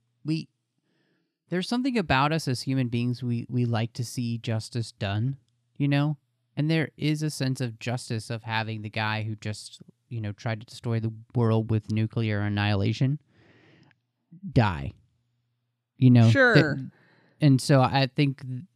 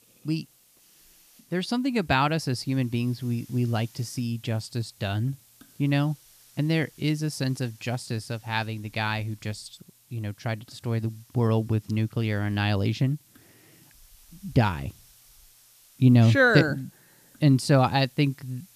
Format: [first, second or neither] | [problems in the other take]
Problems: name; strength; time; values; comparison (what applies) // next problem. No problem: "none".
first | hiss; faint; throughout; 30 dB below the speech